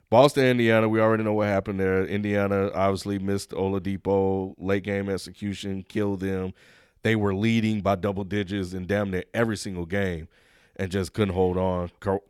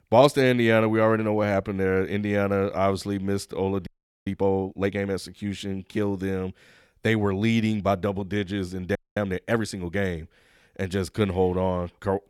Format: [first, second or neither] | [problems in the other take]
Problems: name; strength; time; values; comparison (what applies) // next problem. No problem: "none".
first | audio freezing; at 4 s and at 9 s